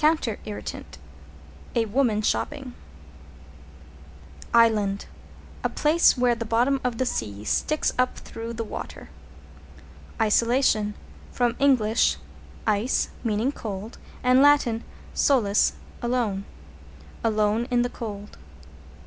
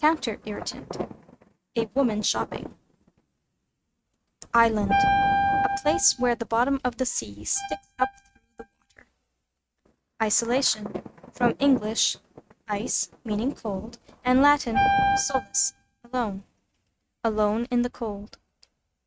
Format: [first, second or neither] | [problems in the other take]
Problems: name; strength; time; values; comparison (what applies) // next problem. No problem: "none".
first | noise reduction (neural mask model RNNoise)